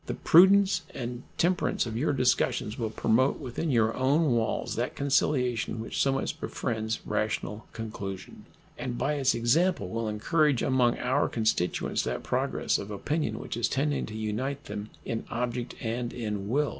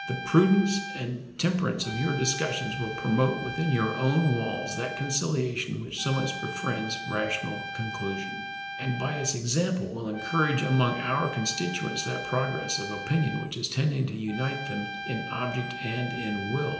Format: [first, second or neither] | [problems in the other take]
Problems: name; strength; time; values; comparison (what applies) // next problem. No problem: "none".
first | background sound (Trumpet); 9 dB below the speech // room echo; dies away in 0.8 s